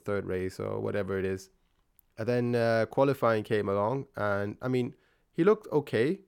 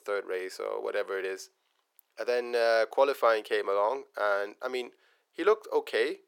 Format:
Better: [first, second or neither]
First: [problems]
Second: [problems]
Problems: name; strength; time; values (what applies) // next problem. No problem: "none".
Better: first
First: none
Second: thin; very; fading below 450 Hz